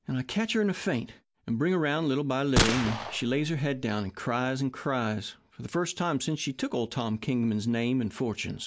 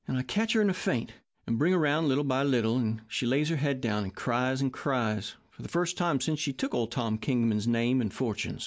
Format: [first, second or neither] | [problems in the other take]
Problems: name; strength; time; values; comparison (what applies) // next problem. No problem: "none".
second | background sound (Gunshot, gunfire); as loud as the speech